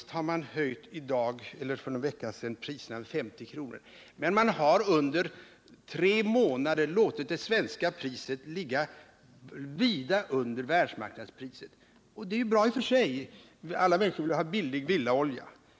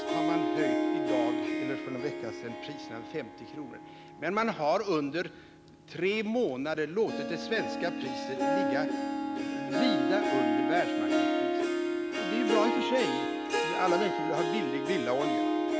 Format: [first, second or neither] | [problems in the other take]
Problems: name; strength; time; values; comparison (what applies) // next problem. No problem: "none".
first | background sound (Harp); 2 dB above the speech